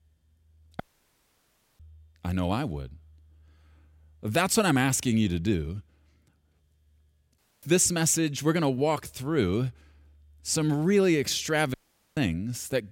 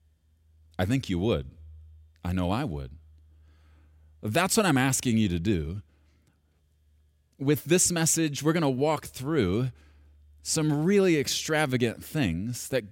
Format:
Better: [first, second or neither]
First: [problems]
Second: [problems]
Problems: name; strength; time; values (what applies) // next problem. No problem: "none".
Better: second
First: audio cutting out; at 1 s for 1 s, at 7.5 s and at 12 s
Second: none